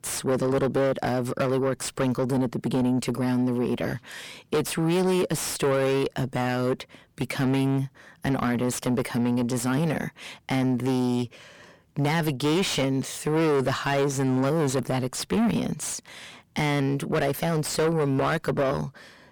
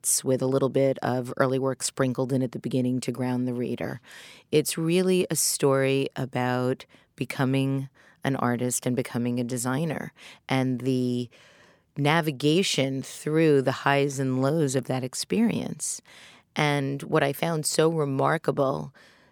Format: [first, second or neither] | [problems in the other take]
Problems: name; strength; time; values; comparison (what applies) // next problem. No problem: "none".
second | distortion; heavy; 6 dB below the speech